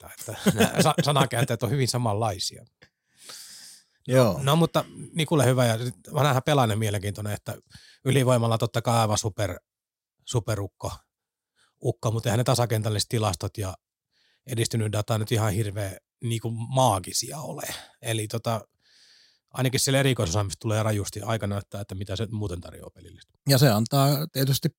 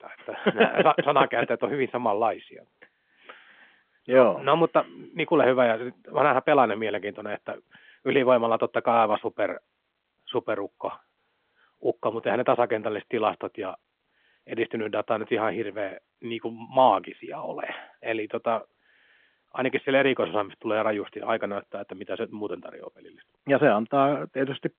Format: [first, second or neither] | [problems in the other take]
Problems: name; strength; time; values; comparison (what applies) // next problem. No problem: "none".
first | phone-call audio; nothing above 3.5 kHz